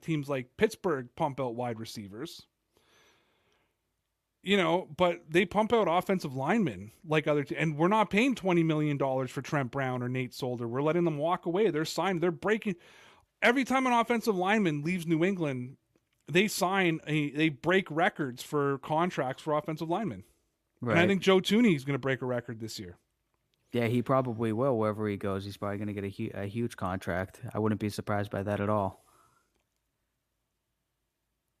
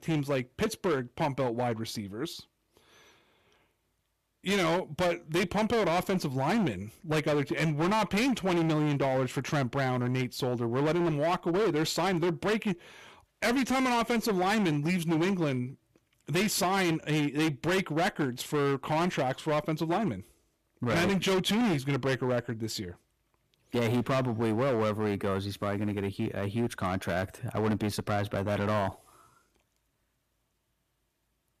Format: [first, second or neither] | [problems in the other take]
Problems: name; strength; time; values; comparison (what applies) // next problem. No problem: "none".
first | distortion; heavy; 16% of the sound clipped